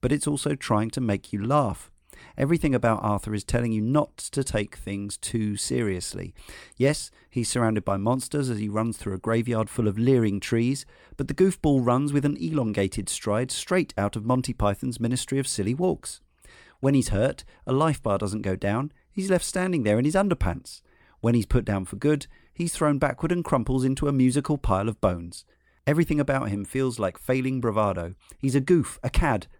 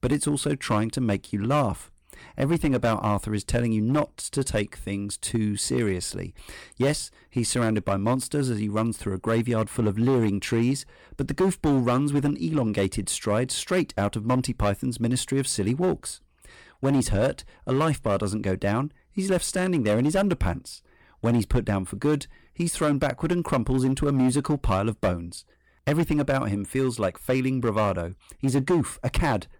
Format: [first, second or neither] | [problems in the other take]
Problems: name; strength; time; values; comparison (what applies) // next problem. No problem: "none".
first | distortion; slight; 6% of the sound clipped